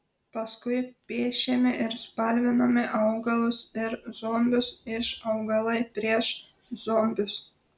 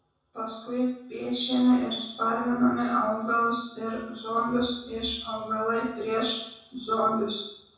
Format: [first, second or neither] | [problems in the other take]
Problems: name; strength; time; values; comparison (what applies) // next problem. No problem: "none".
first | room echo; dies away in 0.7 s